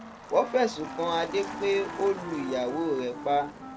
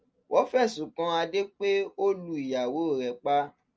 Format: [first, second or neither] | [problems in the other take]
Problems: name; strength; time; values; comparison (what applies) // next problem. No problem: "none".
second | background sound (Motor vehicle (road) + Wind instrument, woodwind instrument); 11 dB below the speech